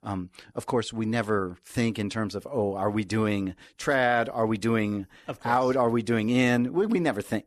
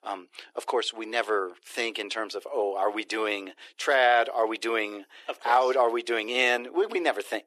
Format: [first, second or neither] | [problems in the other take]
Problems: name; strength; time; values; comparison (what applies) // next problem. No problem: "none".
first | thin; very; fading below 350 Hz